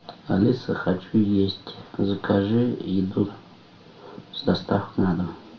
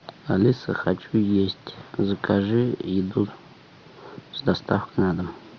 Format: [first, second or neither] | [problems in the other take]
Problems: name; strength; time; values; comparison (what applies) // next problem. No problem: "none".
second | room echo; dies away in 0.3 s